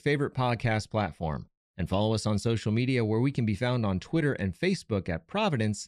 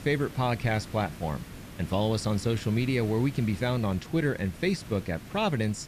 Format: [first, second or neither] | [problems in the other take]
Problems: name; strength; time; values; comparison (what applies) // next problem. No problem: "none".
first | hiss; noticeable; throughout; 15 dB below the speech